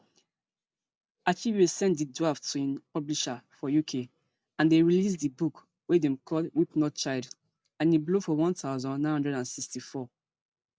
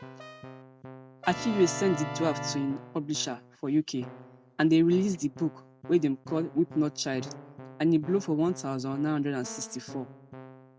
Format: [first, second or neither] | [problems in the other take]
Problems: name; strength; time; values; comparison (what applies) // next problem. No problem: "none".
first | background sound (Keyboard (musical)); 13 dB below the speech